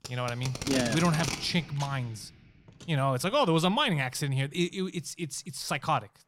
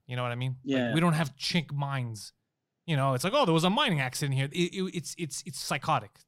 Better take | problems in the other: second | household noises; loud; throughout; 6 dB below the speech

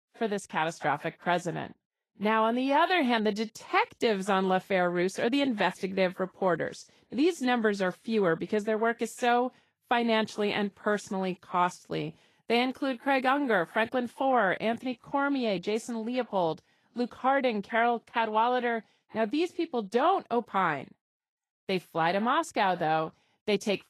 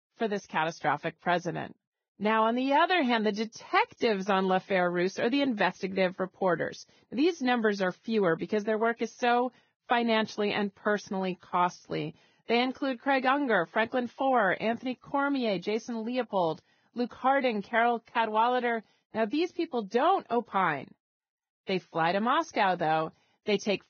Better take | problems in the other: first | garbled, watery; badly; nothing above 6.5 kHz; slightly in the first

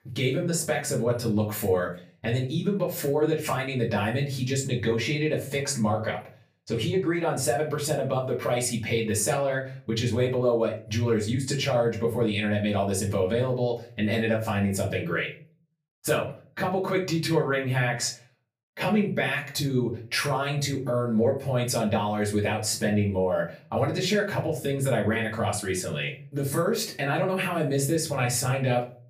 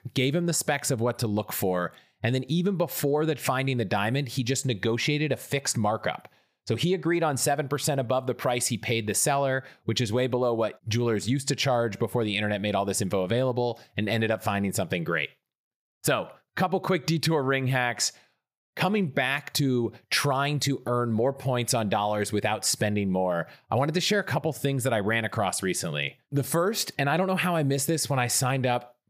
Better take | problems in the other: second | room echo; slight; dies away in 0.3 s // off-mic speech; far

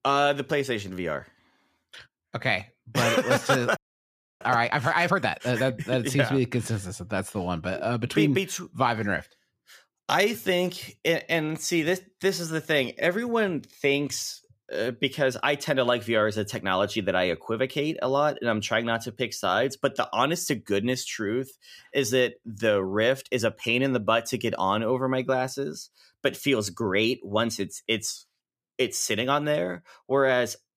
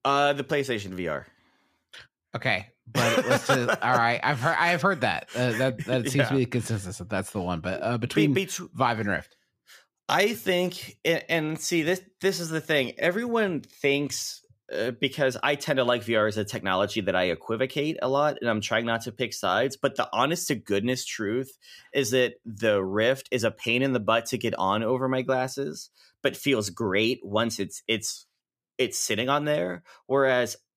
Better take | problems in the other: second | audio freezing; at 4 s for 0.5 s

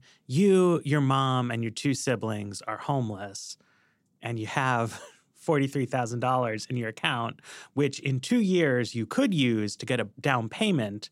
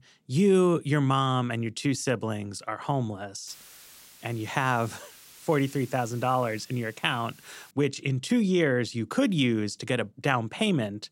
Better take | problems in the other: first | hiss; faint; from 3.5 to 7.5 s; 20 dB below the speech

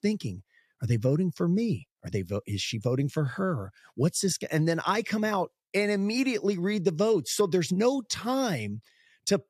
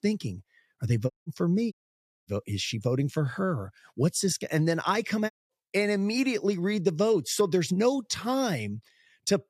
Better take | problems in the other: first | audio cutting out; at 1 s, at 1.5 s for 0.5 s and at 5.5 s

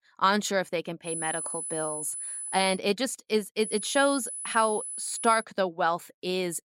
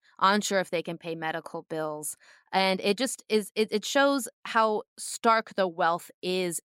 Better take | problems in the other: second | high-pitched whine; loud; from 1 to 3 s and from 3.5 to 5.5 s; 10 kHz, 5 dB below the speech

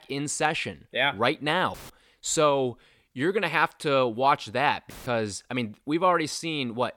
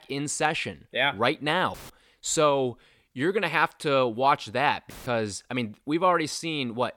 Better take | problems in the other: neither | audio cutting out; filled with static; at 1.5 s and at 5 s; the same in both

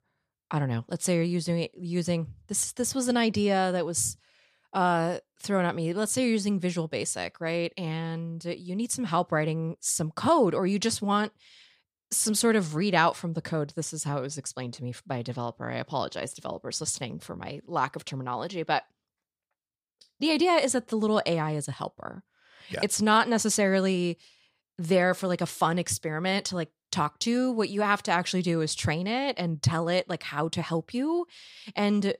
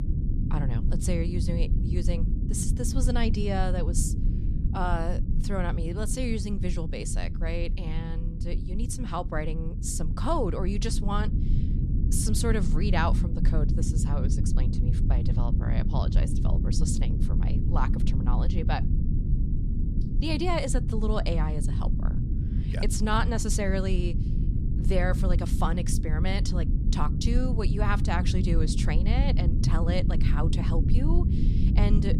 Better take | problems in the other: first | low rumble; loud; throughout; 7 dB below the speech

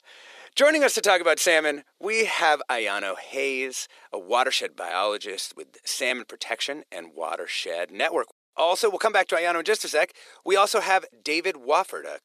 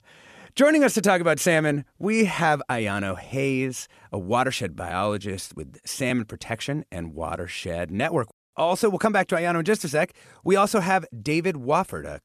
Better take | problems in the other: second | thin; very; fading below 400 Hz

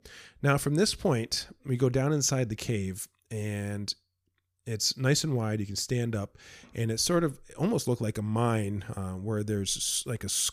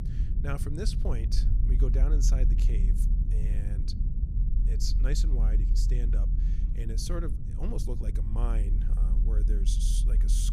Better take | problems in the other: first | low rumble; loud; throughout; 6 dB below the speech

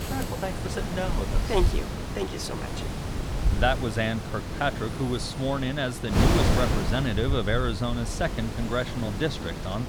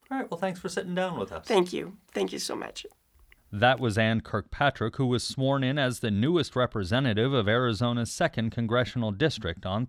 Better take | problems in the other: second | wind noise on the microphone; heavy; 5 dB below the speech

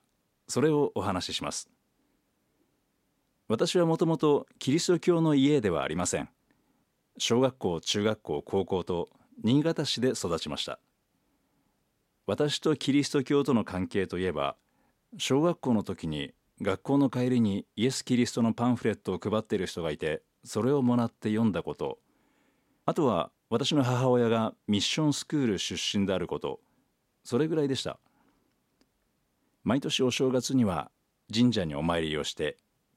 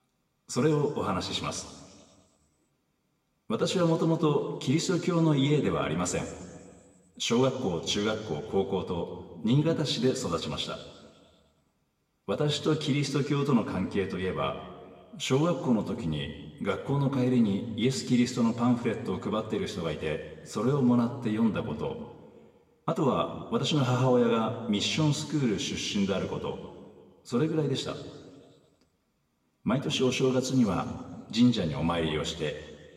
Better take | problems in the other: first | room echo; slight; dies away in 1.6 s

